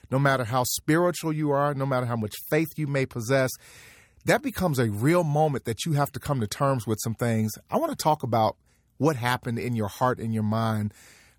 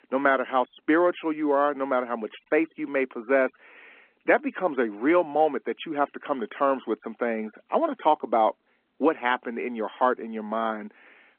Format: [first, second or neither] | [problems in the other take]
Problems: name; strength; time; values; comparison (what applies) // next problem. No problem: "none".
first | phone-call audio